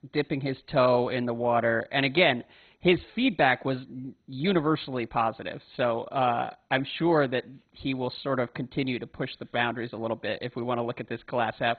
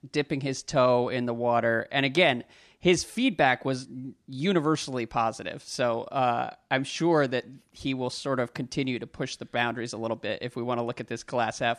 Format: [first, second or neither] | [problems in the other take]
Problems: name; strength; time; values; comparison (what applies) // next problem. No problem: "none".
second | garbled, watery; badly; nothing above 4 kHz